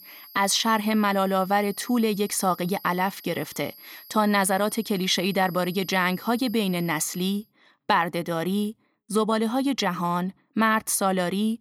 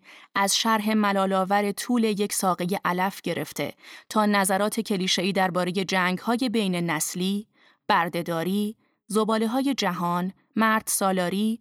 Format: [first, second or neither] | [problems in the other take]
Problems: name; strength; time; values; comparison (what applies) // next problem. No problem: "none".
second | high-pitched whine; noticeable; until 7.5 s; 12 kHz, 20 dB below the speech